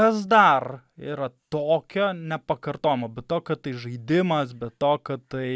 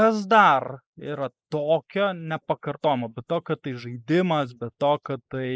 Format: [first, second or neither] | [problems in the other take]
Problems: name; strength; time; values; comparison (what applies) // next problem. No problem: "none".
first | noise reduction (neural mask model Resemble Enhance denoiser)